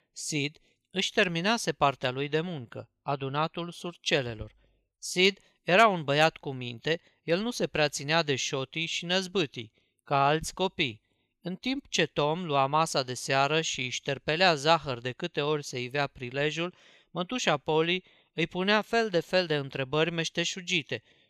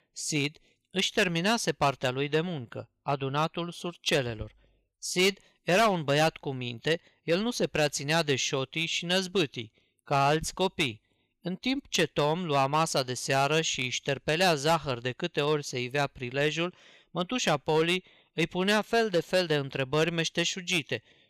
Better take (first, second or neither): first